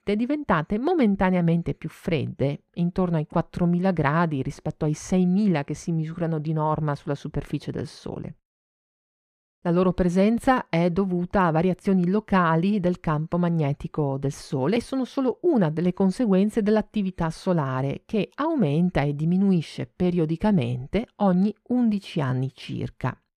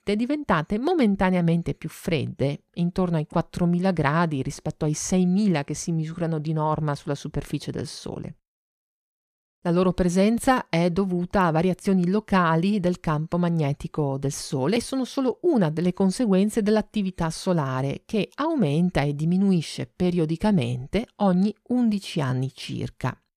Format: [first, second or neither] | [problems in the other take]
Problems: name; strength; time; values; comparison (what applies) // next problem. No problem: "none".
second | muffled; very slightly; fading above 3.5 kHz